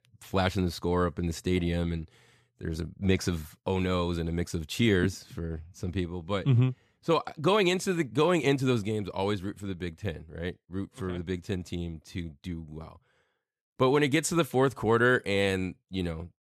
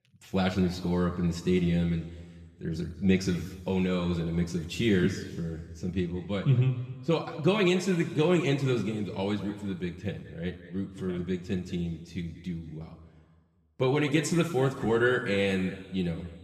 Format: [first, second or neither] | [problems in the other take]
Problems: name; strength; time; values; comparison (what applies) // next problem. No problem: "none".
first | room echo; slight; dies away in 1.7 s // off-mic speech; somewhat distant